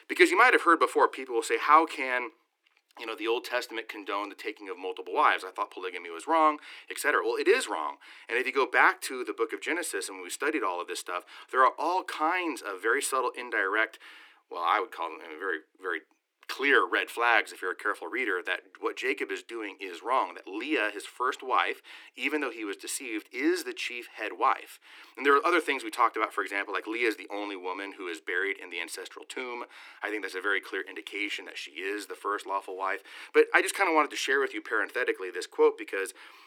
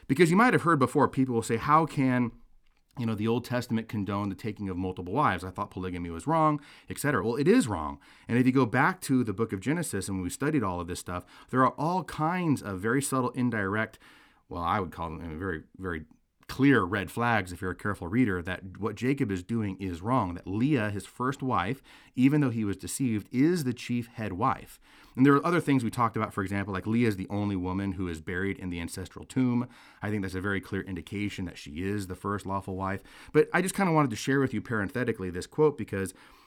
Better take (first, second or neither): second